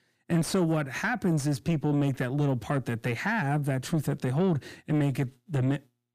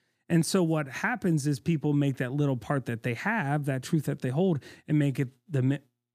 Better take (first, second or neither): second